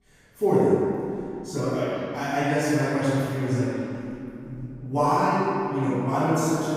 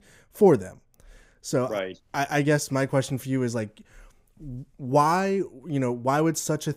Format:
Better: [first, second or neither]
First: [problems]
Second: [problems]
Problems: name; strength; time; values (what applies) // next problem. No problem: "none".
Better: second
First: off-mic speech; far // room echo; strong; dies away in 2.5 s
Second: none